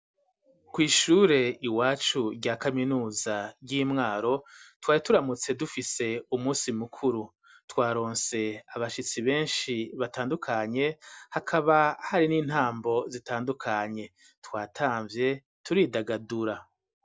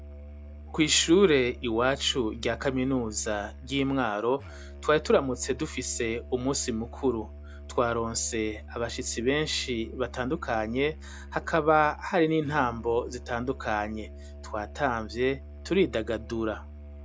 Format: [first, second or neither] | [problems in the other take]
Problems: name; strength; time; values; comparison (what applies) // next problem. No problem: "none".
first | background sound (Musical instrument); 15 dB below the speech